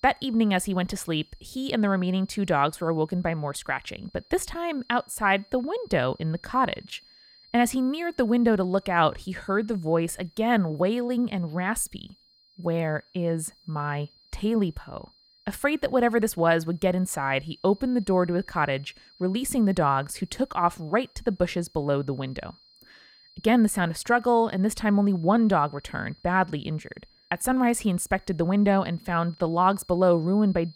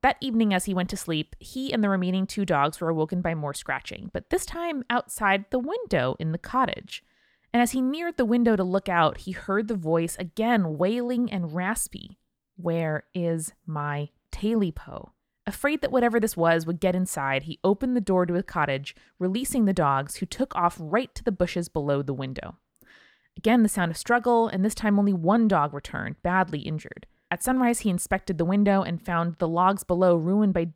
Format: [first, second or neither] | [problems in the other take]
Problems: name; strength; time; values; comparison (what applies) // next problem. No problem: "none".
second | high-pitched whine; faint; throughout; 4 kHz, 30 dB below the speech